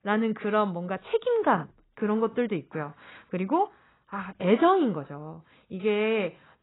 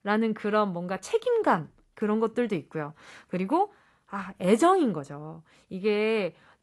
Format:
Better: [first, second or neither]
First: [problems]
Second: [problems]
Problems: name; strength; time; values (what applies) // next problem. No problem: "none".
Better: second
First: garbled, watery; badly; nothing above 4 kHz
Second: garbled, watery; slightly; nothing above 11 kHz